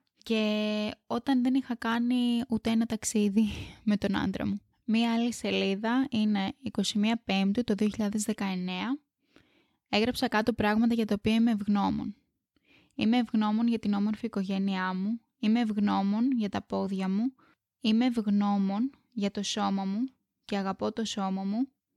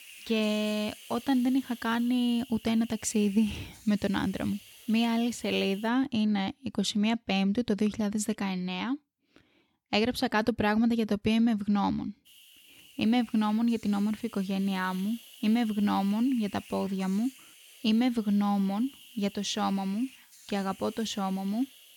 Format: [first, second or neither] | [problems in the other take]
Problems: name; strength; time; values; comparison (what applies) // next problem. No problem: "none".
first | hiss; faint; until 6 s and from 12 s on; 20 dB below the speech